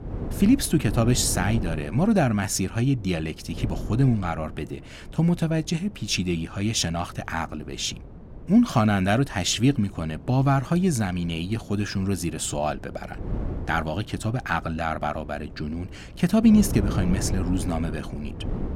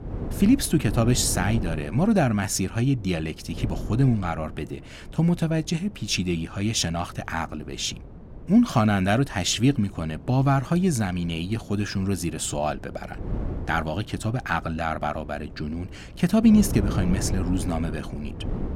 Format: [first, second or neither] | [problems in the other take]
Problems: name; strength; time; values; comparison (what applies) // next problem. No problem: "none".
neither | wind noise on the microphone; occasional gusts; 15 dB below the speech; the same in both